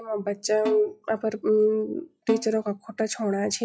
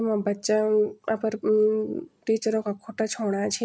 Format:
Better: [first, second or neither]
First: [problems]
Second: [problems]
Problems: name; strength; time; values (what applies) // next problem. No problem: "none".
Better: second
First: noise reduction (classical method log-MMSE)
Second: none